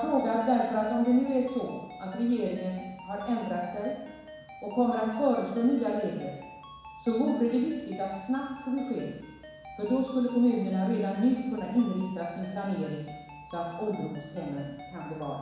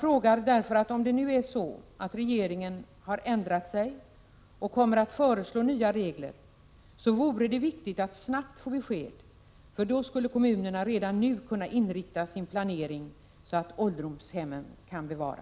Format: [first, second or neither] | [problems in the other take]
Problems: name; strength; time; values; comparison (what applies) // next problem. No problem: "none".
second | background sound (Ringtone); 18 dB below the speech // room echo; dies away in 1.1 s